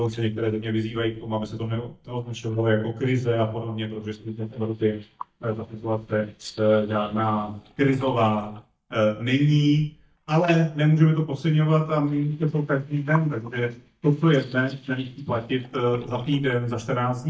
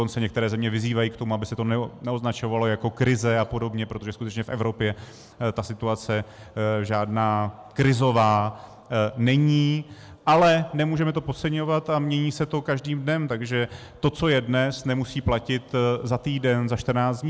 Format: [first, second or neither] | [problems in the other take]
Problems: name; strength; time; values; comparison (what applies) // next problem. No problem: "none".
second | noise reduction (neural mask model DeepFilterNet 3)